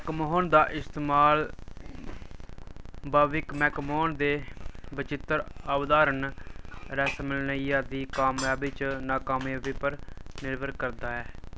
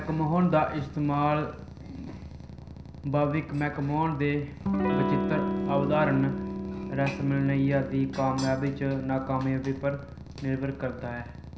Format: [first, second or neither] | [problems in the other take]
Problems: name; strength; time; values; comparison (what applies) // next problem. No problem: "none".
first | background sound (Electric guitar / Strum); 7 dB below the speech // room echo; dies away in 0.5 s